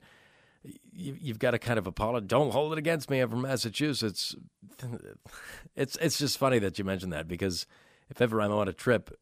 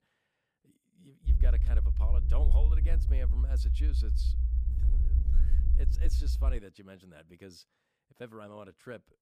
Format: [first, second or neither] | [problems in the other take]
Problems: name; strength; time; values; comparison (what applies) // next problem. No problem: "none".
first | low rumble; loud; from 1.5 to 6.5 s; 3 dB below the speech